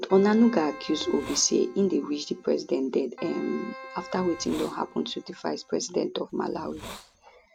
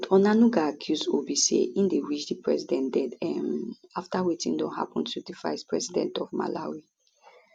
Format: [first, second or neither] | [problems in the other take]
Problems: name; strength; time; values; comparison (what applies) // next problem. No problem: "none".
second | background sound (Hiss + Keyboard (musical)); 17 dB below the speech